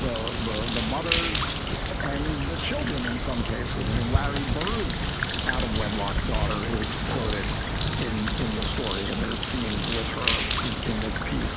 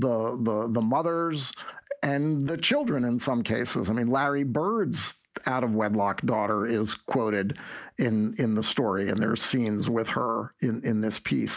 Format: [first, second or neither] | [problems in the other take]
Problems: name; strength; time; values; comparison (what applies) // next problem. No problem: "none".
second | background sound (Bird); 4 dB above the speech